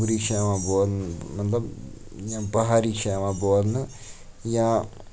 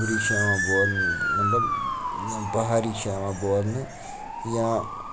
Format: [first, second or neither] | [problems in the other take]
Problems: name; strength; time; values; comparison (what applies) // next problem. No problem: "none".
first | background sound (Motor vehicle (road) / Siren); 1 dB below the speech